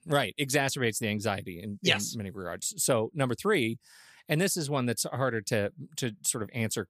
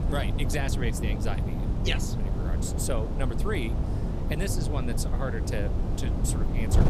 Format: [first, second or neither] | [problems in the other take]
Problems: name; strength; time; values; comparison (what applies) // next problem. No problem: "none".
first | wind noise on the microphone; heavy; 4 dB below the speech